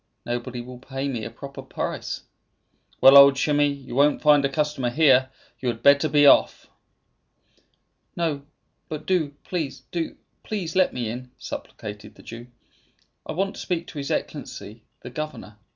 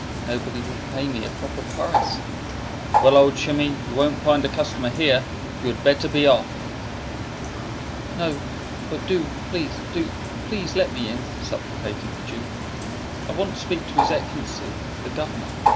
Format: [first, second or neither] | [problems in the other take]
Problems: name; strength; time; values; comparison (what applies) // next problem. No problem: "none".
first | background sound (Bird); 3 dB below the speech